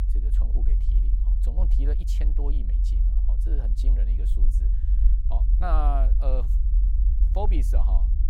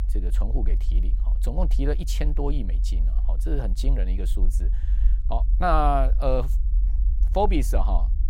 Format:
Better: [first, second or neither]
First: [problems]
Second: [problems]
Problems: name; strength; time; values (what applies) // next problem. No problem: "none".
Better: second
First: low rumble; loud; throughout; 10 dB below the speech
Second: low rumble; faint; throughout; 20 dB below the speech